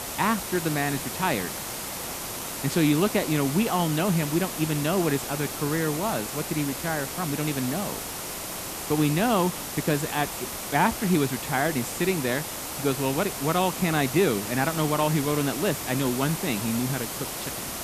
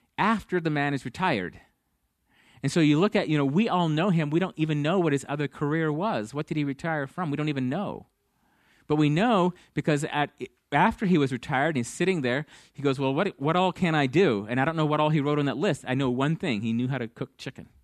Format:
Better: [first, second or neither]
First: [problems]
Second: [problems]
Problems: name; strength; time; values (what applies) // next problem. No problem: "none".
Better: second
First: hiss; loud; throughout; 5 dB below the speech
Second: none